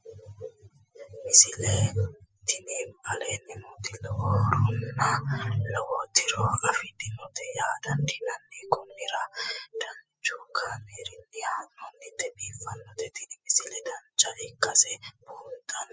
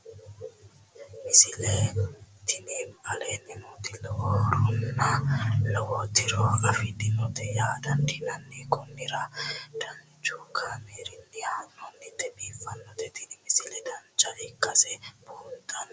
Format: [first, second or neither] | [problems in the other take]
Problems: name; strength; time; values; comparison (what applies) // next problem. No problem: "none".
second | noise reduction (classical method spectral subtraction)